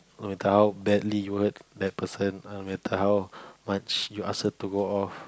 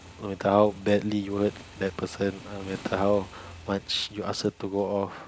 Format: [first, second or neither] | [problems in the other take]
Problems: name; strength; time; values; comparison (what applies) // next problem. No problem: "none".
first | background sound (Motorcycle / Engine); 19 dB below the speech